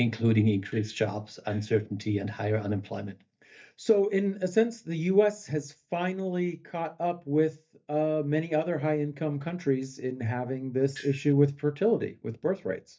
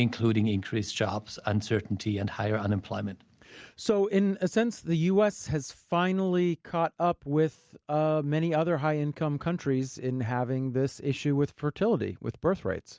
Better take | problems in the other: second | noise reduction (neural mask model DeepFilterNet 3)

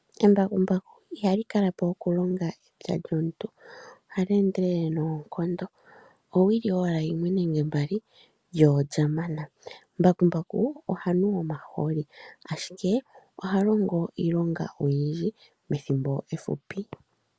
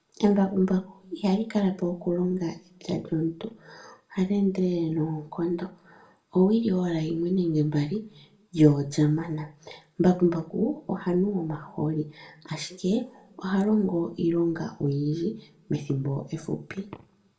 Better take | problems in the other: first | room echo; dies away in 0.3 s

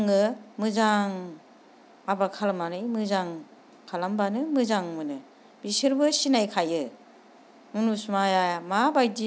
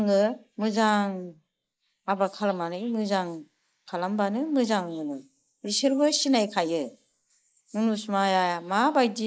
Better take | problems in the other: first | noise reduction (neural mask model Resemble Enhance denoiser)

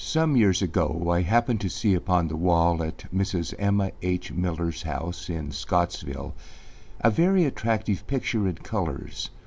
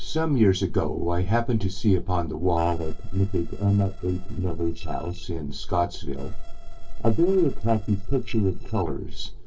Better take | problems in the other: first | noise reduction (neural separator model SepFormer DNS4)

